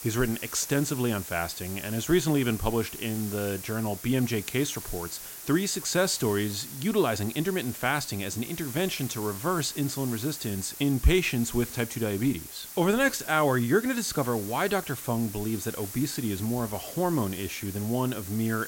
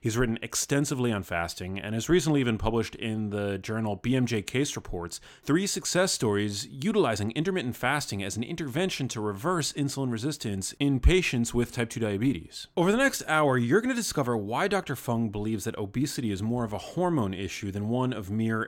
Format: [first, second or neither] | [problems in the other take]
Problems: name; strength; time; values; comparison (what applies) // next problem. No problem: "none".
second | hiss; noticeable; throughout; 10 dB below the speech